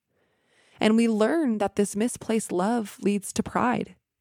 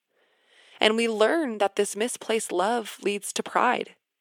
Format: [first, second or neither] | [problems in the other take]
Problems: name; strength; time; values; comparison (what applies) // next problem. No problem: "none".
first | thin; somewhat; fading below 450 Hz